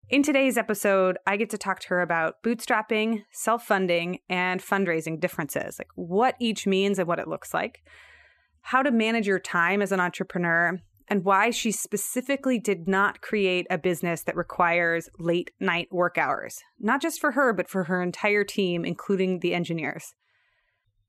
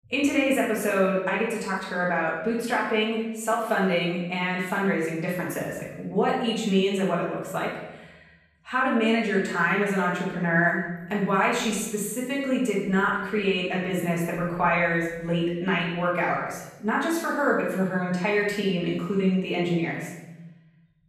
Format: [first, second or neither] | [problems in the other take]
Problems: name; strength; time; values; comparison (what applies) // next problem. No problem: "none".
first | off-mic speech; far // room echo; noticeable; dies away in 1.1 s